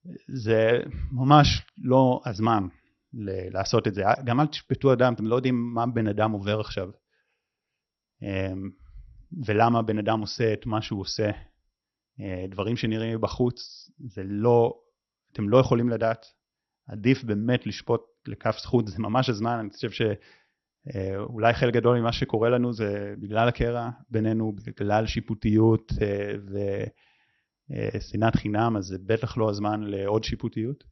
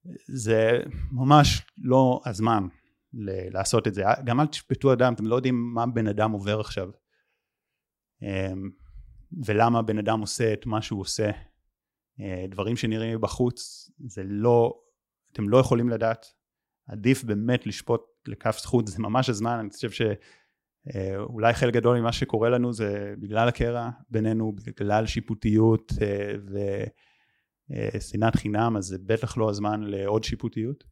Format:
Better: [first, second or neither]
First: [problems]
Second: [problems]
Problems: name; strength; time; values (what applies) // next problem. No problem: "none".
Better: second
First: garbled, watery; slightly; nothing above 6 kHz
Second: none